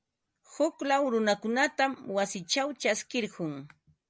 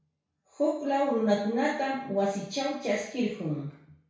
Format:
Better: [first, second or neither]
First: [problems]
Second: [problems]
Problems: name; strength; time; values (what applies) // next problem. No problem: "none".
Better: first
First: none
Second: room echo; dies away in 0.6 s